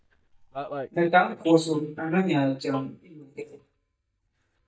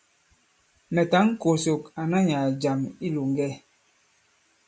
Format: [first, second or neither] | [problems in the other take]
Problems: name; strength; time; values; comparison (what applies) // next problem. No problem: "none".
second | noise reduction (neural mask model DeepFilterNet 3)